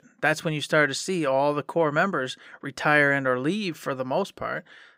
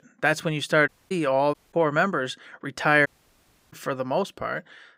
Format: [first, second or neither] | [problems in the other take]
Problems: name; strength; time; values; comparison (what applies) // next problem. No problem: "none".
first | audio cutting out; at 1 s, at 1.5 s and at 3 s for 0.5 s